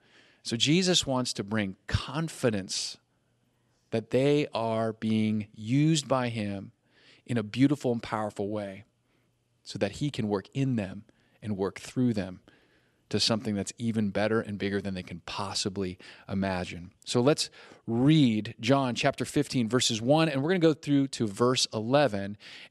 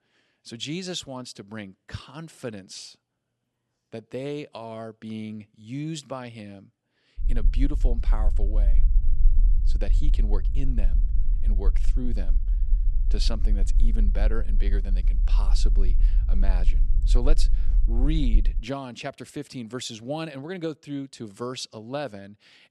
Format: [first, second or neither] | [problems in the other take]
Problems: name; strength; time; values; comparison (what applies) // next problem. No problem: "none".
first | low rumble; noticeable; from 7 to 19 s; 15 dB below the speech